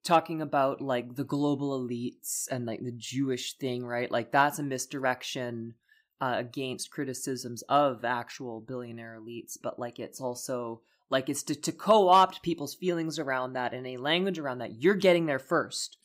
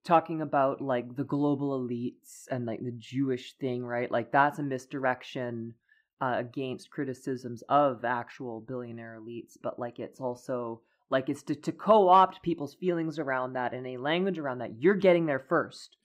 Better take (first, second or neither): first